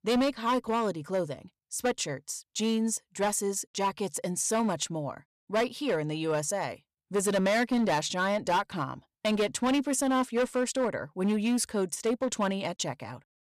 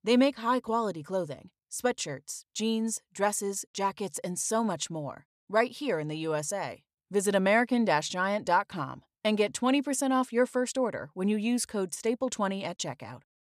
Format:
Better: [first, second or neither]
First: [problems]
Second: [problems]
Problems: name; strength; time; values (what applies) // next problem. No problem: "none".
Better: second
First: distortion; slight; 9% of the sound clipped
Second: none